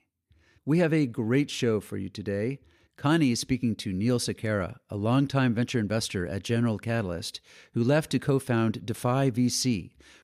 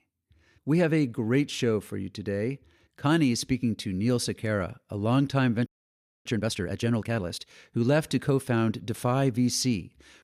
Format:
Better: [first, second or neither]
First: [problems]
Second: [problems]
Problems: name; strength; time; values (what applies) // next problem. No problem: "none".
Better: first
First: none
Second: audio freezing; at 5.5 s for 0.5 s